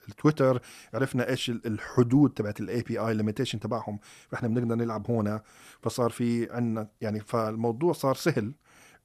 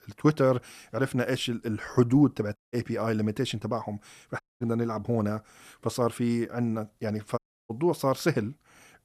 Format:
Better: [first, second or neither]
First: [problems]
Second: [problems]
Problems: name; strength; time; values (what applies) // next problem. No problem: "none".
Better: first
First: none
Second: audio cutting out; at 2.5 s, at 4.5 s and at 7.5 s